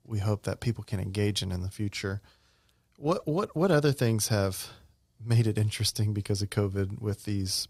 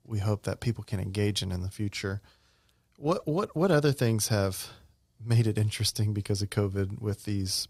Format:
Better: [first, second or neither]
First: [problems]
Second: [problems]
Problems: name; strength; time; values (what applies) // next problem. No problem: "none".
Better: neither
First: none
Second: none